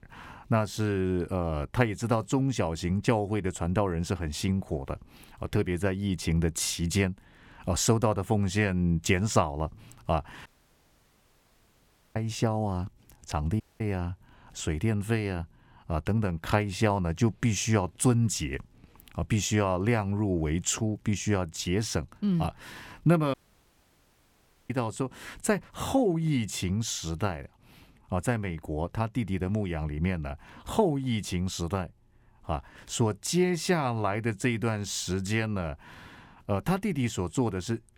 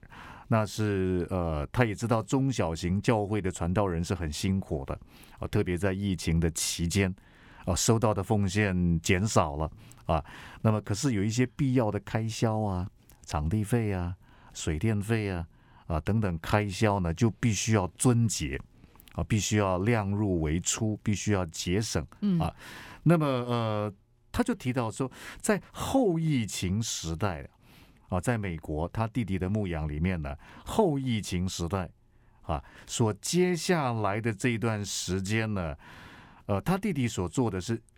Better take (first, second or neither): second